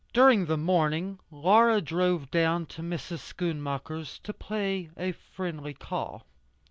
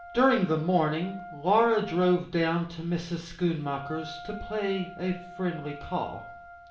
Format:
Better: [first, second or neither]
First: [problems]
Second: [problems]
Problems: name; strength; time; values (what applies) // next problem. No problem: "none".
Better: first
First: none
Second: background sound (Wind instrument, woodwind instrument); 16 dB below the speech // room echo; dies away in 0.5 s